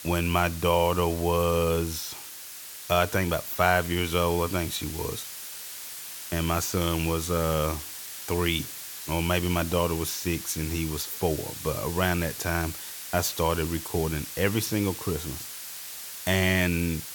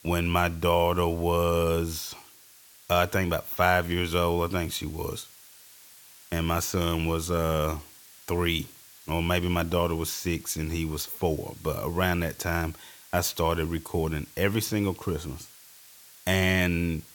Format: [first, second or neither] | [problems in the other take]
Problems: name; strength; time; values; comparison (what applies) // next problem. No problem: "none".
second | hiss; loud; throughout; 9 dB below the speech; faint in the second